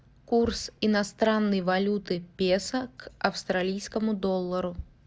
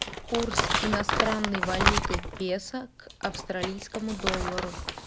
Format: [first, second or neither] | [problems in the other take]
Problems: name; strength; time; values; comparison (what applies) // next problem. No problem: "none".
first | background sound (Crumpling, crinkling); 3 dB above the speech